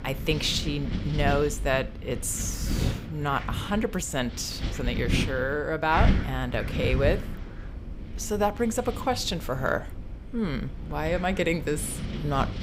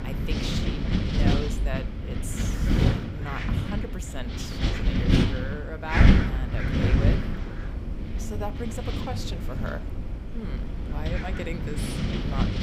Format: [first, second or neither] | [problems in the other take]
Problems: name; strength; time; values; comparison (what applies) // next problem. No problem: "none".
first | wind noise on the microphone; heavy; 4 dB above the speech; occasional gusts in the first